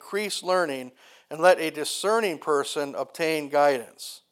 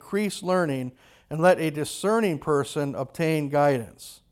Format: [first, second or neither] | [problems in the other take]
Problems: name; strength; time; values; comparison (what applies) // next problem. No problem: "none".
second | thin; somewhat; fading below 400 Hz